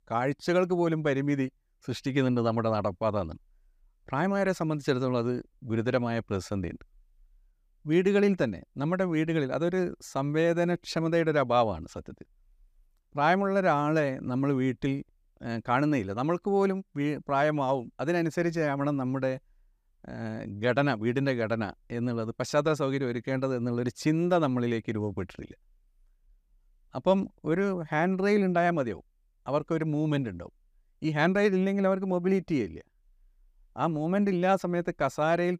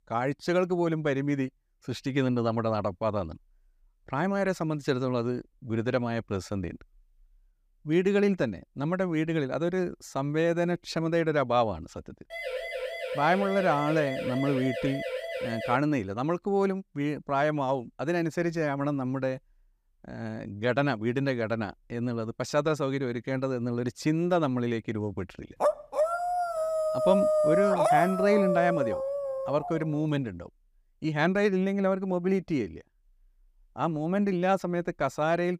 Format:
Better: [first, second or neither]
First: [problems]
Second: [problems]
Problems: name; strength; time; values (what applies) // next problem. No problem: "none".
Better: first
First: none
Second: siren; noticeable; from 12 to 16 s; peak 5 dB below the speech // dog barking; loud; from 26 to 30 s; peak 5 dB above the speech